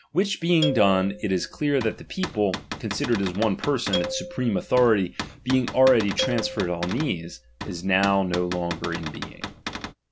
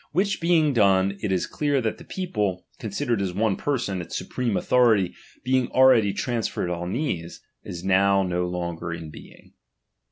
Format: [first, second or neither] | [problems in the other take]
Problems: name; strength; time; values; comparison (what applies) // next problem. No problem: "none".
second | background sound (Cupboard open or close / Door + Marimba, xylophone); 9 dB below the speech